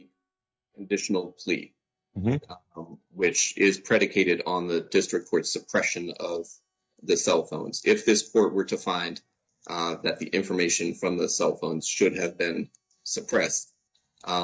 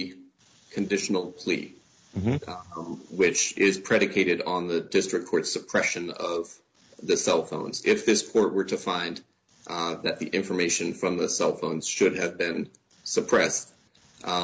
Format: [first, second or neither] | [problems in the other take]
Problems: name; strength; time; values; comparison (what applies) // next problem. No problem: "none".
second | noise reduction (neural mask model DeepFilterNet 3)